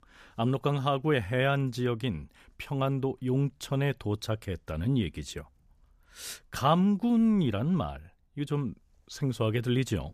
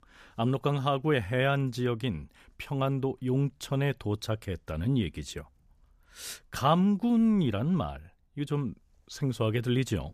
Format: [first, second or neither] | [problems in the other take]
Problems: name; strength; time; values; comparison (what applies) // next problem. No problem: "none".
neither | none